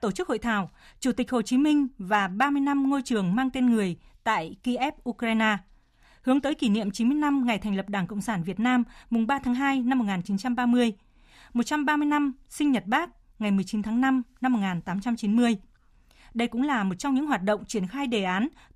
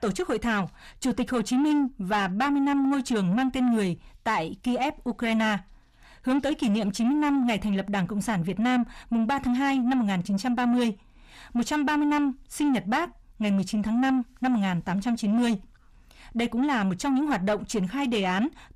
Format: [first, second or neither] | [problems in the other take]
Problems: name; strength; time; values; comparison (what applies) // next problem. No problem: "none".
first | distortion; slight; 10 dB below the speech